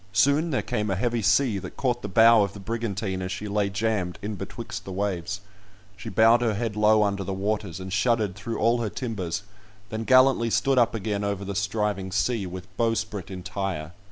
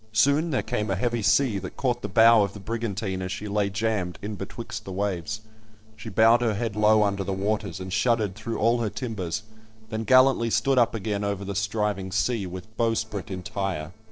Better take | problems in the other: first | noise reduction (neural separator model SepFormer DNS4)

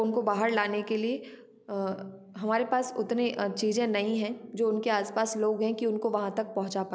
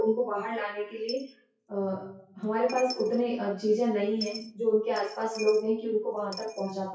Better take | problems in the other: first | noise reduction (classical method WPE with log-MMSE)

